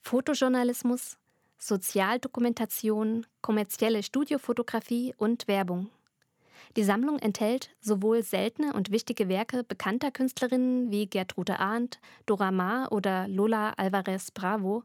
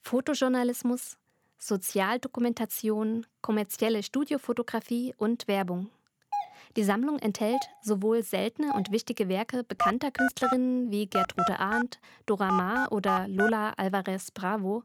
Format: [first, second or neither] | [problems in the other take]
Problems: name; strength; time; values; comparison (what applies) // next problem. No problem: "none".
first | doorbell; noticeable; from 6.5 to 9 s; peak 6 dB below the speech // phone ringing; loud; from 10 to 14 s; peak 2 dB above the speech